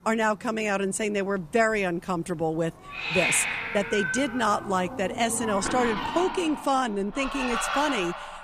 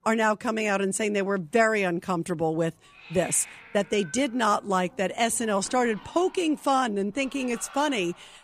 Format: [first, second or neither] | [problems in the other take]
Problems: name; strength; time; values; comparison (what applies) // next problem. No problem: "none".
second | animal sounds; loud; throughout; 4 dB below the speech; faint in the second